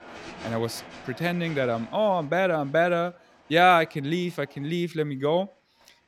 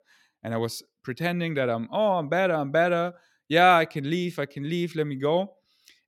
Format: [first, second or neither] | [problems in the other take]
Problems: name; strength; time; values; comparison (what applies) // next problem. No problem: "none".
second | crowd noise; faint; throughout; 20 dB below the speech